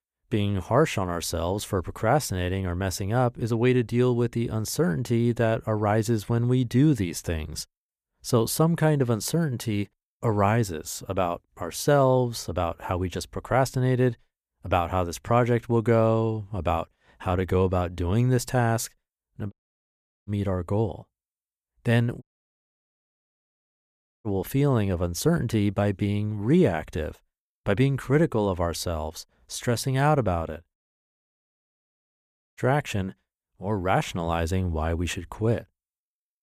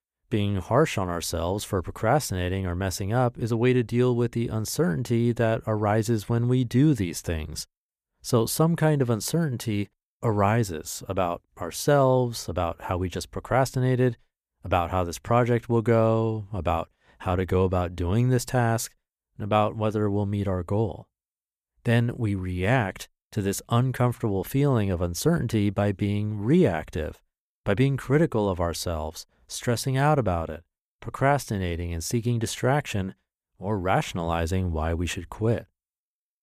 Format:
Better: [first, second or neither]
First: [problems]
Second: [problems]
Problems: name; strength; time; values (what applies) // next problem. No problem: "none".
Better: second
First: audio cutting out; at 20 s for 0.5 s, at 22 s for 2 s and at 31 s for 2 s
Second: none